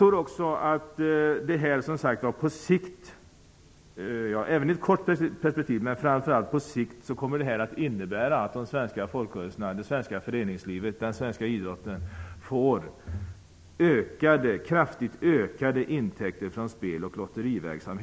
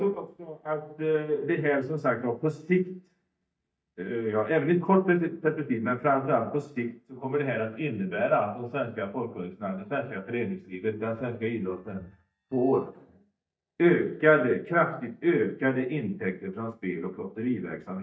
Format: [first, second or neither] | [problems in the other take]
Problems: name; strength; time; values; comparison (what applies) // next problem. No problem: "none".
first | noise reduction (neural mask model DeepFilterNet 3)